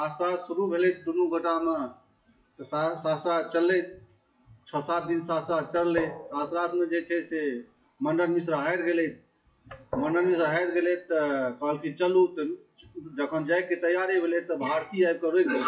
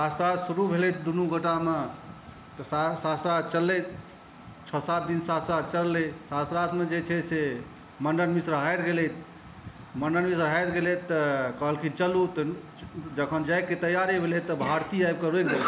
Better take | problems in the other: second | noise reduction (classical method WPE with log-MMSE)

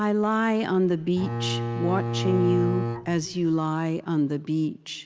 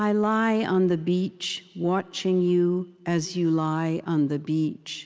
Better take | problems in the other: second | background sound (Bowed string instrument); 4 dB below the speech

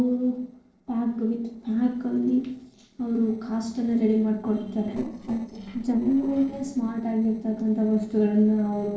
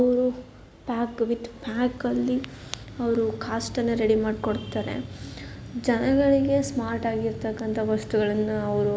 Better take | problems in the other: second | noise reduction (neural separator model SepFormer DNS4)

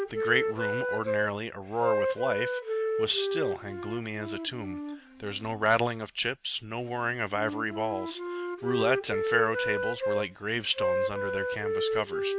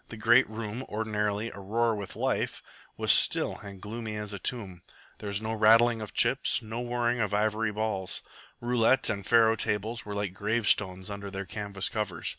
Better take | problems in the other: second | background sound (Wind instrument, woodwind instrument); as loud as the speech

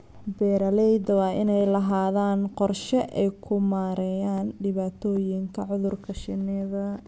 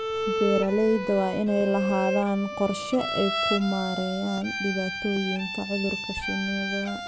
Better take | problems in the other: first | background sound (Bowed string instrument); 4 dB below the speech

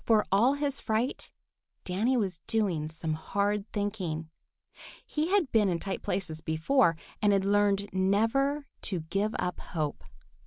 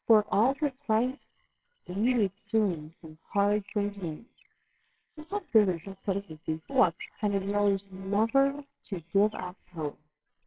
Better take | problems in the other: first | noise reduction (neural separator model SepFormer WHAMR!)

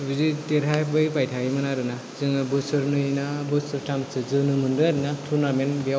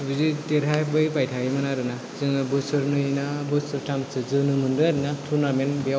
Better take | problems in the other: first | background sound (Thunder); 19 dB below the speech

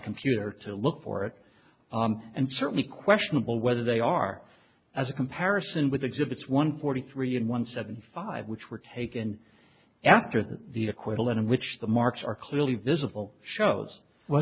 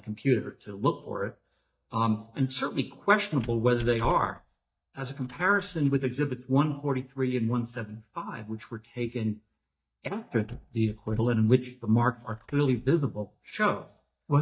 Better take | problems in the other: first | noise reduction (neural mask model DeepFilterNet 3)

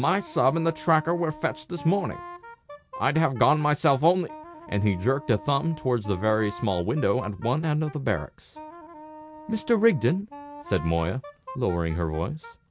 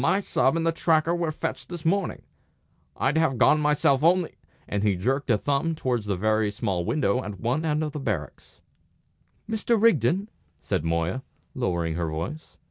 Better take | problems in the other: second | background sound (Wind instrument, woodwind instrument); 18 dB below the speech

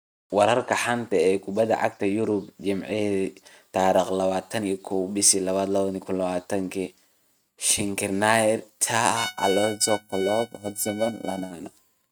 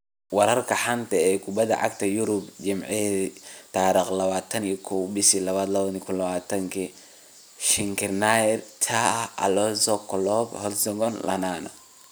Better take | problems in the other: second | noise reduction (neural mask model RNNoise)

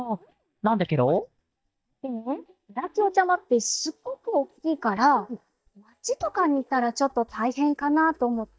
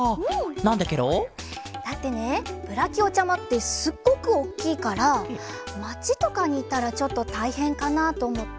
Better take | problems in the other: second | noise reduction (neural mask model DeepFilterNet 3)

